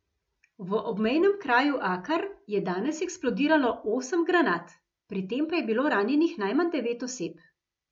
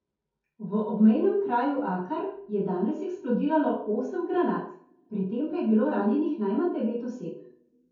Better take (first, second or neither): first